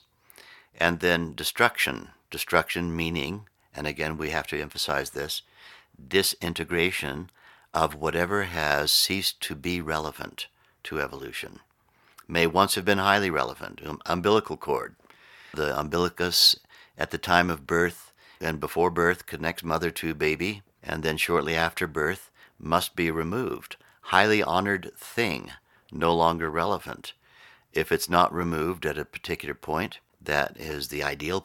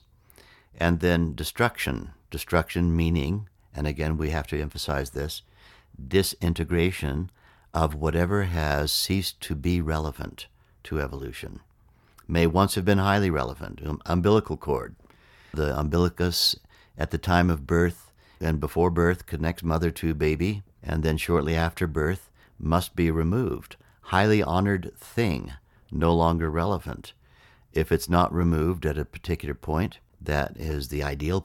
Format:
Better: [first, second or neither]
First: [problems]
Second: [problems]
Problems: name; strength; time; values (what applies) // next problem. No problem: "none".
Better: second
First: thin; somewhat; fading below 1 kHz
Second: none